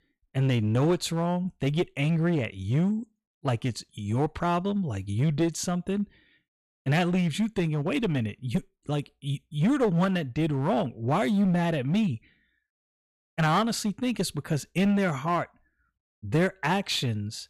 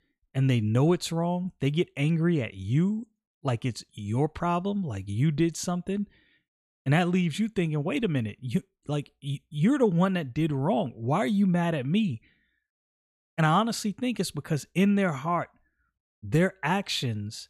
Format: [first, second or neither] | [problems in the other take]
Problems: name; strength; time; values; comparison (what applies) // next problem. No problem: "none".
second | distortion; slight; 8% of the sound clipped